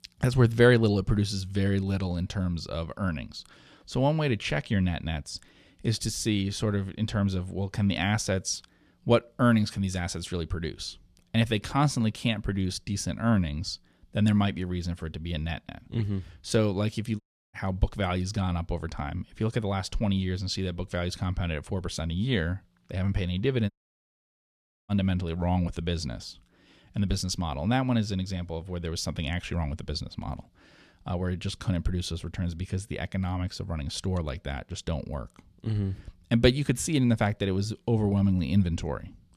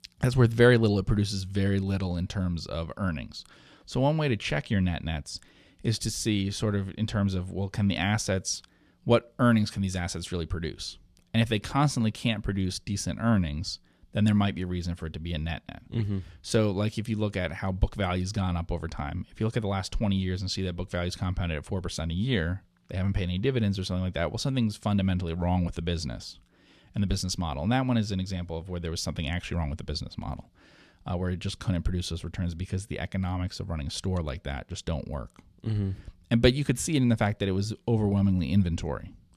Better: second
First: audio cutting out; at 17 s and at 24 s for 1 s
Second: none

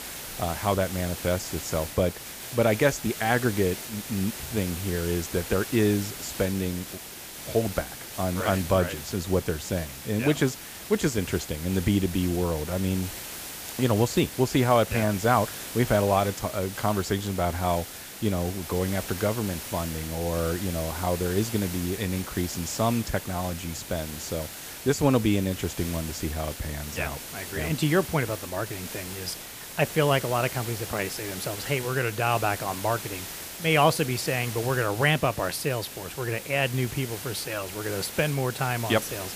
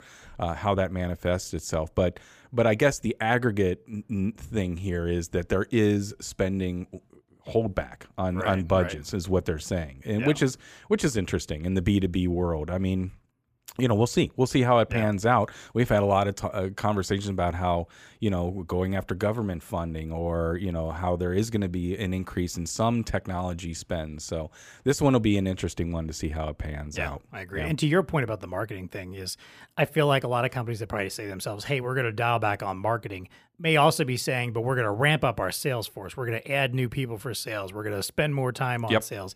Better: second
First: hiss; loud; throughout; 9 dB below the speech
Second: none

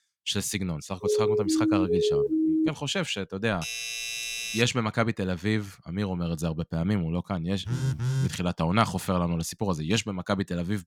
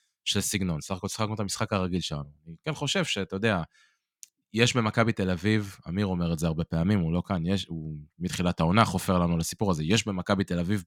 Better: second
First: siren; loud; from 1 to 2.5 s; peak 4 dB above the speech // doorbell; noticeable; from 3.5 to 4.5 s; peak 1 dB below the speech // phone ringing; loud; at 7.5 s; peak 1 dB above the speech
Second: none

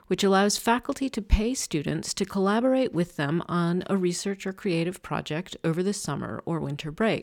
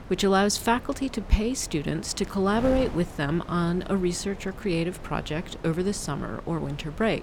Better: first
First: none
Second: wind noise on the microphone; occasional gusts; 15 dB below the speech

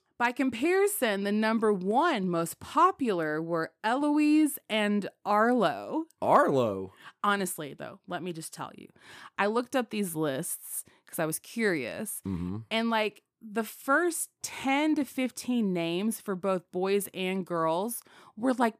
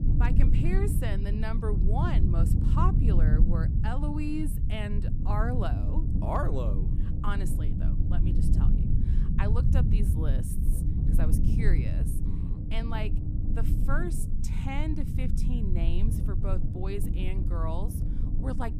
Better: first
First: none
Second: low rumble; loud; throughout; 4 dB below the speech

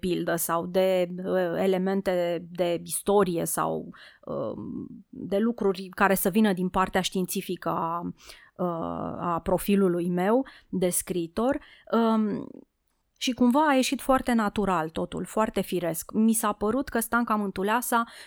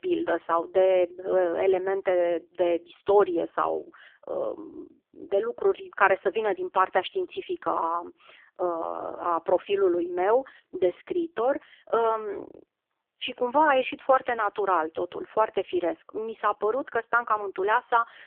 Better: first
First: none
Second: phone-call audio; poor line

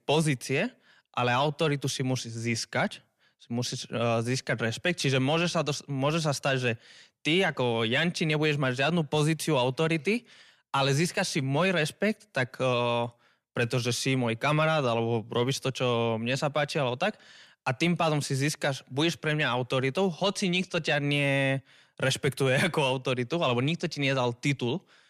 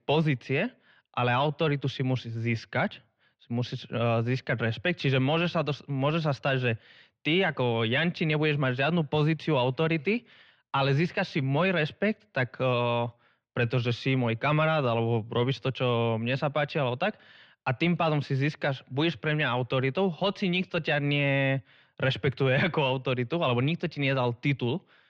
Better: first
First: none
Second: muffled; slightly; fading above 3.5 kHz

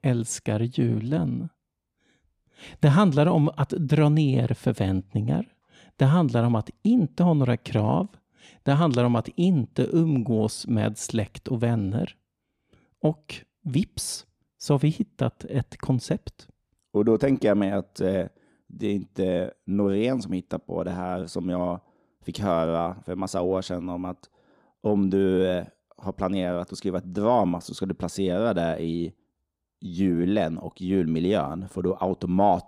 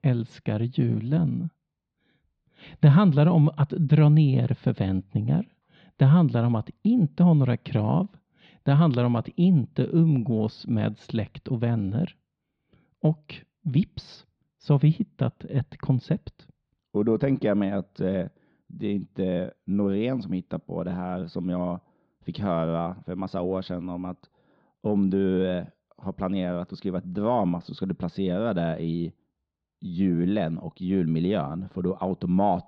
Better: first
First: none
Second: muffled; slightly; fading above 4.5 kHz

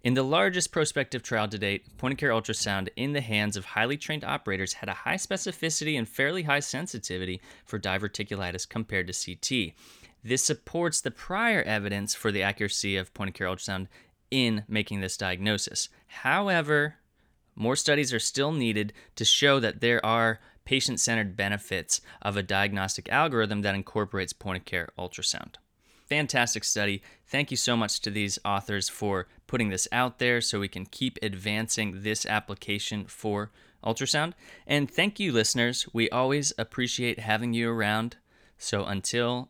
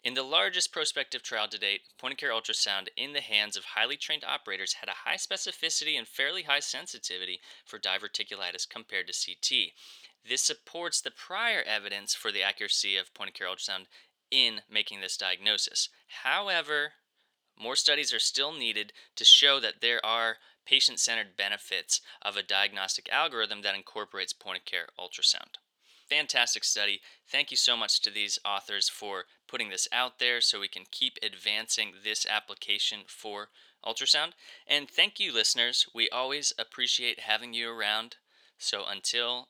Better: first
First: none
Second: thin; very; fading below 550 Hz

